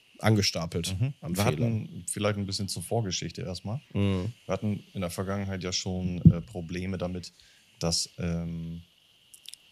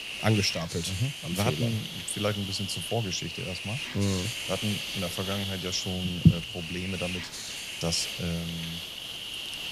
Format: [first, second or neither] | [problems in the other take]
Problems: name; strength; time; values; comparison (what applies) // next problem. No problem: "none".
first | hiss; loud; throughout; 4 dB below the speech; faint in the first